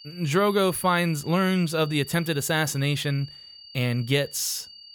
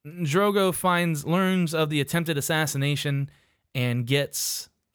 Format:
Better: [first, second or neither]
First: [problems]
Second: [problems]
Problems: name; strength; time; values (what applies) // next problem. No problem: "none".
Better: second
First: high-pitched whine; noticeable; throughout; 4.5 kHz, 20 dB below the speech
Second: none